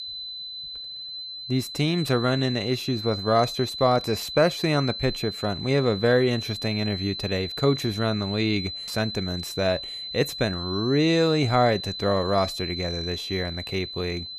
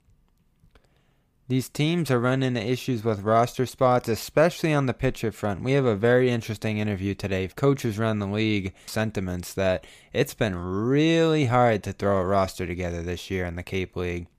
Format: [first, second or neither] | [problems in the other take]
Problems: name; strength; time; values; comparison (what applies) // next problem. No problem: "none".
second | high-pitched whine; loud; throughout; 4 kHz, 7 dB below the speech